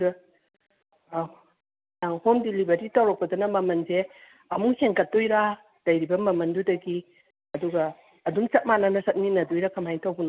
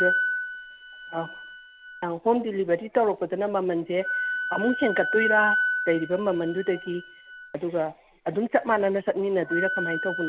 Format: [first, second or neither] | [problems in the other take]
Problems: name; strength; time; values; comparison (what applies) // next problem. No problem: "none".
first | background sound (Wind instrument, woodwind instrument); 4 dB below the speech